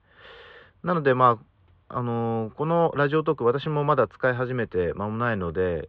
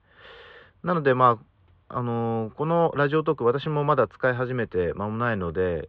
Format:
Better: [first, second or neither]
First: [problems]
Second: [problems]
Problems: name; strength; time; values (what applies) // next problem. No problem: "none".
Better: neither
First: muffled; very; fading above 3.5 kHz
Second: muffled; very; fading above 3.5 kHz